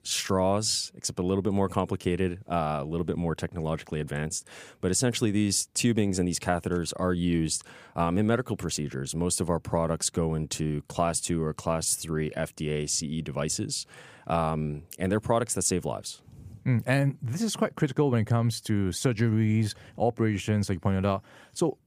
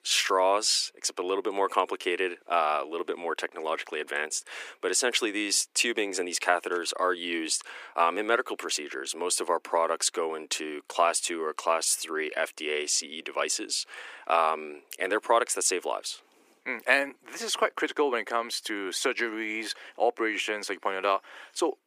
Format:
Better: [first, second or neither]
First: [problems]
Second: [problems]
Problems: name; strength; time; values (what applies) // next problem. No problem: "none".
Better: first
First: none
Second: thin; very; fading below 300 Hz